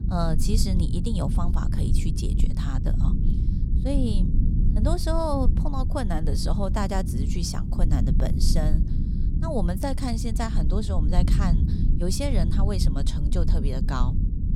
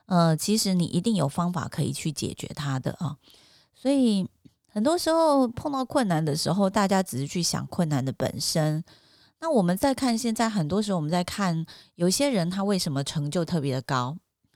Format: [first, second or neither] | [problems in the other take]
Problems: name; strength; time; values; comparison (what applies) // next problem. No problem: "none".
second | low rumble; loud; throughout; 7 dB below the speech